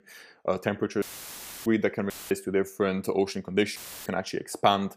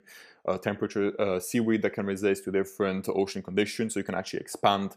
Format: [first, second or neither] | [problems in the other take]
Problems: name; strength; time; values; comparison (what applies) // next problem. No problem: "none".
second | audio cutting out; filled with static; at 1 s for 0.5 s, at 2 s and at 4 s